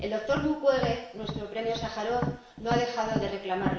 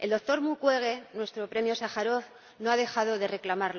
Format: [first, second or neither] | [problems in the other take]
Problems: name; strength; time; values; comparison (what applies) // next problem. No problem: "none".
second | background sound (Tap); 6 dB below the speech // room echo; dies away in 0.7 s